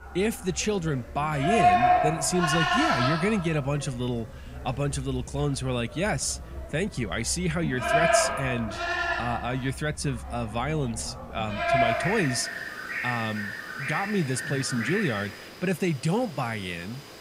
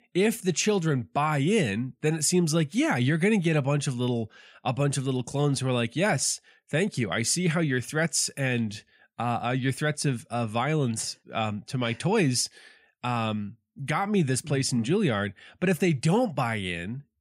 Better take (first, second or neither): second